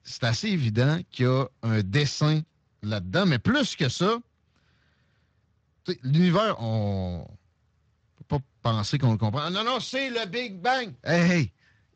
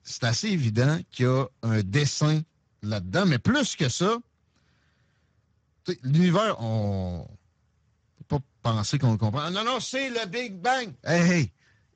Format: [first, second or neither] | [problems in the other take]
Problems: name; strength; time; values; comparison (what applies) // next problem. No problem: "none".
first | garbled, watery; badly; nothing above 7.5 kHz; slightly in the first